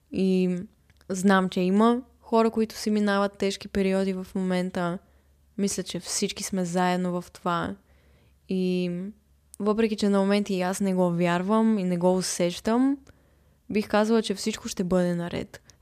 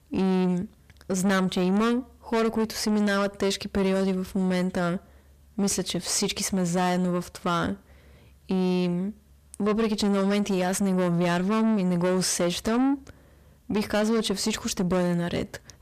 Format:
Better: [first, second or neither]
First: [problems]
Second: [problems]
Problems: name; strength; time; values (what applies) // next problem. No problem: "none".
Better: first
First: none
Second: distortion; heavy; 7 dB below the speech